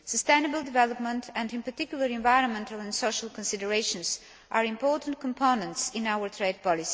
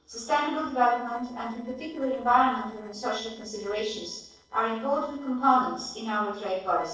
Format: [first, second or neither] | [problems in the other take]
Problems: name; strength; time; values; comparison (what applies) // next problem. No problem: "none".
first | noise reduction (neural separator model SepFormer DNS4)